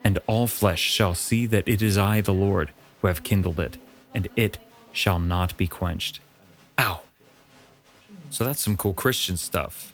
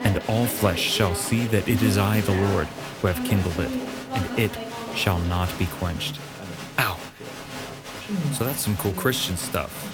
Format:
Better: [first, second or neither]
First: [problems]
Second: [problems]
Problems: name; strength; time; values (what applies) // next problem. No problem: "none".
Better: first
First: crowd noise; faint; throughout; 25 dB below the speech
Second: crowd noise; loud; throughout; 7 dB below the speech